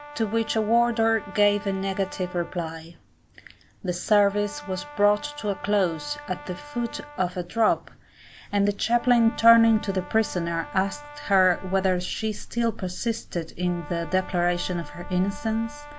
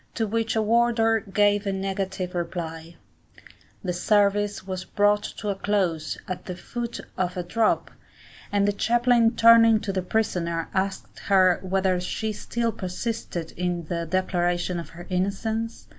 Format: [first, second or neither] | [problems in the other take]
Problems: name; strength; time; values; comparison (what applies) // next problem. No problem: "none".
second | background sound (Brass instrument); 18 dB below the speech